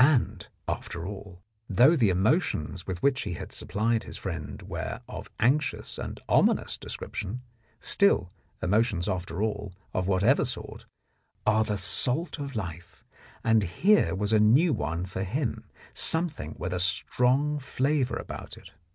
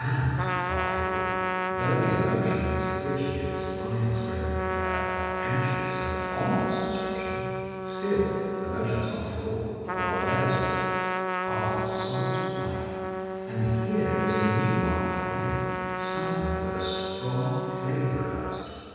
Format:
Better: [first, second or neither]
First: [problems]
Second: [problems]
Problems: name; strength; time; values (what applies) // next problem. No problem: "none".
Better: first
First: none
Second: background sound (Trumpet); 1 dB below the speech // room echo; dies away in 2.1 s